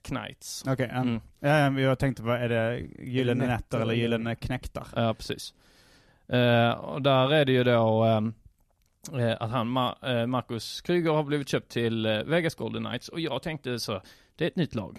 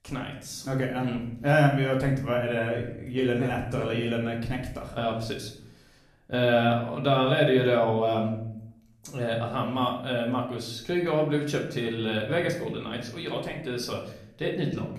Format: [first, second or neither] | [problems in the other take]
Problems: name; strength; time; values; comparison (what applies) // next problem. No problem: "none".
first | room echo; slight; dies away in 0.6 s // off-mic speech; somewhat distant